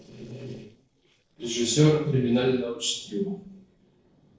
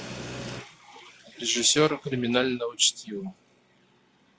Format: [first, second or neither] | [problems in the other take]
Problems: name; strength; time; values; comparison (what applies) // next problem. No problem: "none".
second | noise reduction (neural separator model SepFormer DNS4)